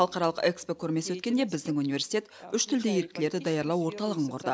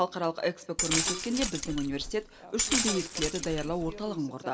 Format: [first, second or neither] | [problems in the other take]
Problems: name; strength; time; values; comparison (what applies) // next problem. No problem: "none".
first | background sound (Glass); 1 dB below the speech // room echo; dies away in 1.1 s